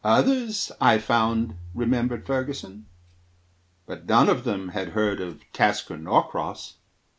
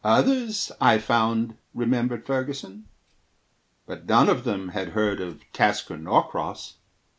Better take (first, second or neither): second